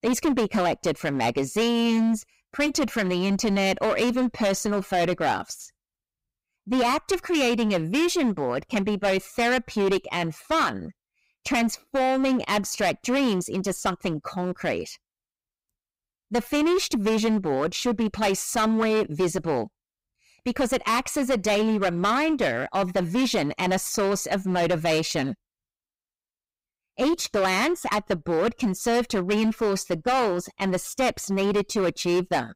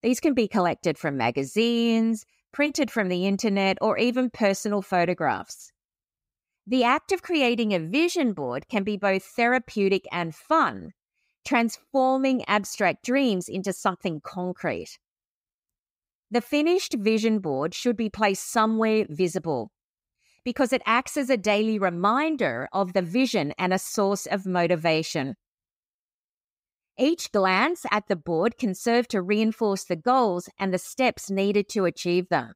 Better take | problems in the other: second | distortion; heavy; 14% of the sound clipped

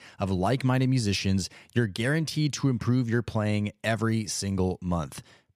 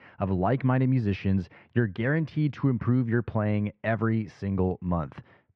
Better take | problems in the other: first | muffled; very; fading above 2 kHz

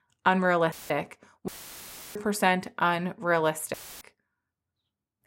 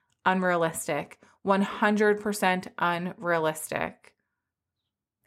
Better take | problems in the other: second | audio cutting out; filled with static; at 0.5 s, at 1.5 s for 0.5 s and at 3.5 s

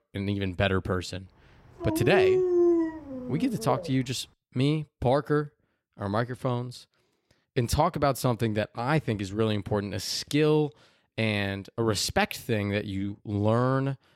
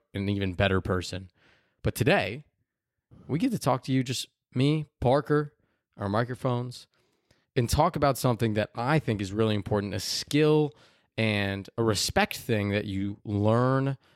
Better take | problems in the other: second | dog barking; loud; from 2 to 4 s; peak 5 dB above the speech

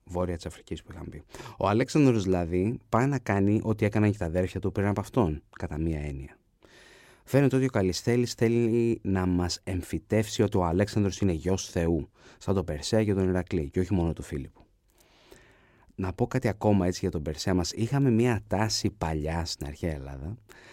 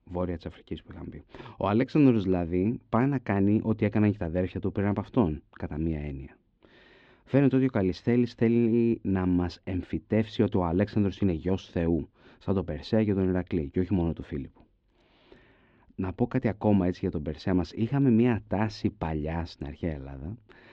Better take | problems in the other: first | muffled; slightly; fading above 3.5 kHz

